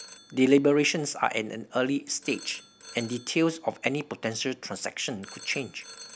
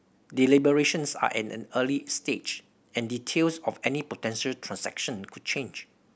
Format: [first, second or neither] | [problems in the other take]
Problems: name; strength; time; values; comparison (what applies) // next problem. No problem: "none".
second | background sound (Telephone); 19 dB below the speech